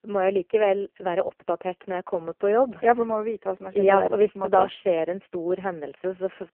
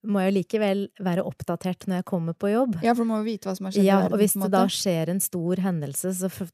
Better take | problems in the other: second | phone-call audio; poor line

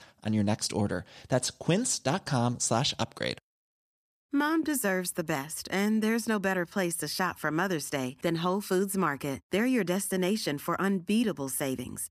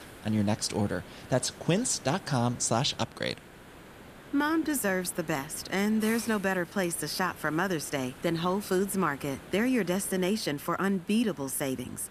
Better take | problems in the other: first | hiss; noticeable; throughout; 20 dB below the speech

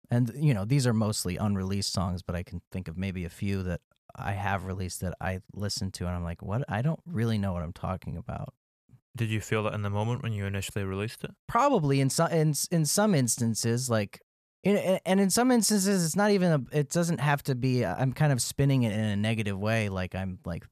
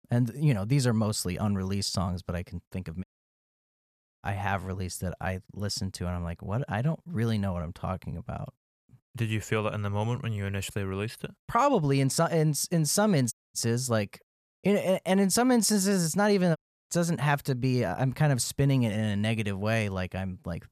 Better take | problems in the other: first | audio cutting out; at 3 s for 1 s, at 13 s and at 17 s

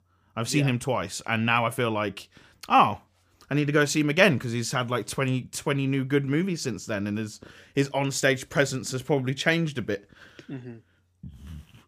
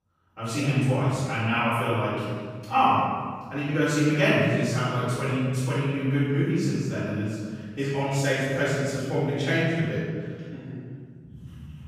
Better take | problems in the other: first | room echo; strong; dies away in 1.8 s // off-mic speech; far

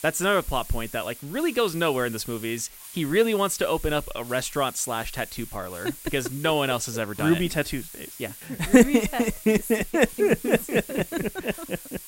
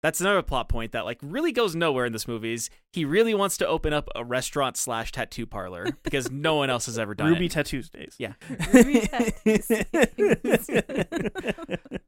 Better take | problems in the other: second | hiss; noticeable; throughout; 15 dB below the speech

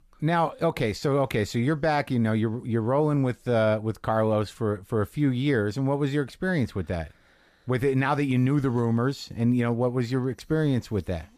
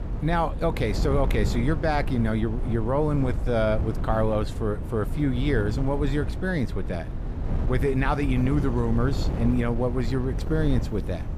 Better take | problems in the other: first | wind noise on the microphone; occasional gusts; 10 dB below the speech

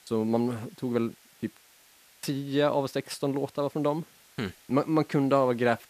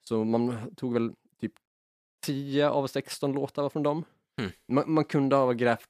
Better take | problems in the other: second | hiss; faint; throughout; 25 dB below the speech

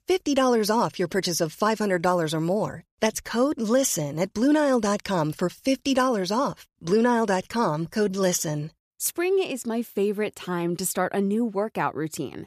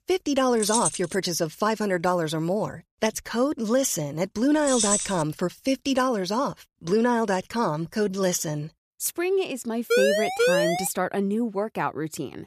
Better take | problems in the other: first | jangling keys; loud; at 0.5 s and at 4.5 s; peak 3 dB above the speech // siren; loud; at 10 s; peak 4 dB above the speech

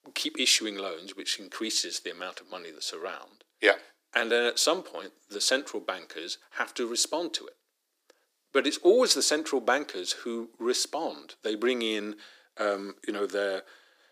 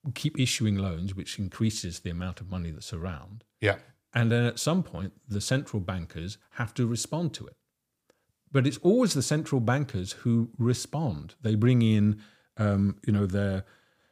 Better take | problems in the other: second | thin; very; fading below 300 Hz

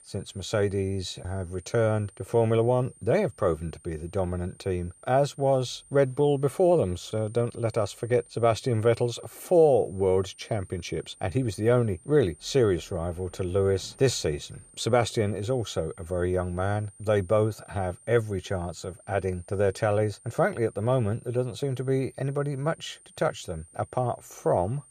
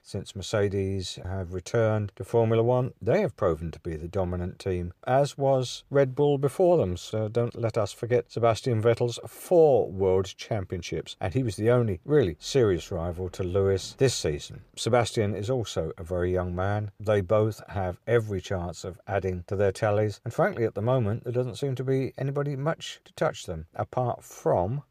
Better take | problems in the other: second | high-pitched whine; faint; throughout; 9 kHz, 25 dB below the speech

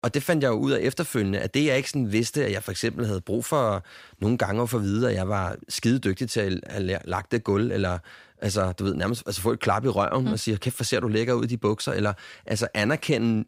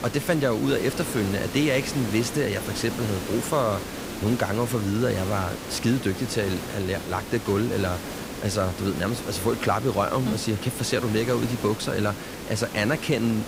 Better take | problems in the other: first | hiss; loud; throughout; 8 dB below the speech

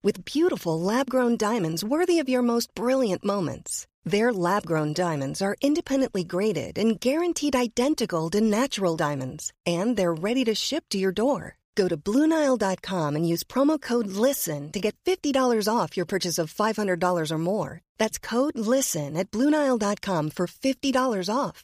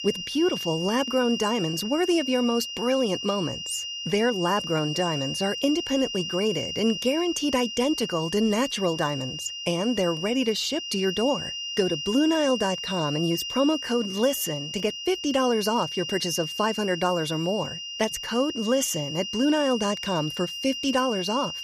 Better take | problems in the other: first | high-pitched whine; loud; throughout; 3 kHz, 6 dB below the speech

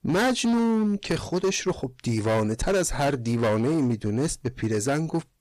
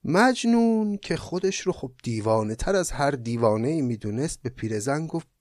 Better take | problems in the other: second | distortion; heavy; 15% of the sound clipped

